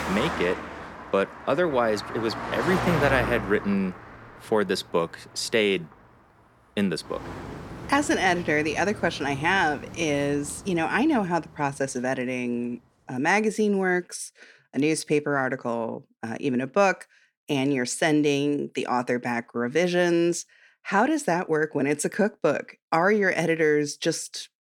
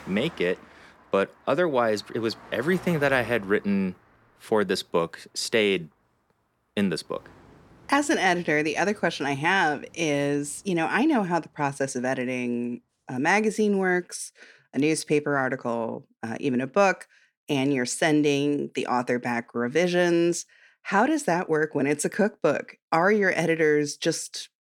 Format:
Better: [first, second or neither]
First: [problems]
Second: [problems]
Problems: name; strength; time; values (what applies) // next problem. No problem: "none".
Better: second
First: traffic noise; loud; until 14 s; 9 dB below the speech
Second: traffic noise; faint; until 14 s; 25 dB below the speech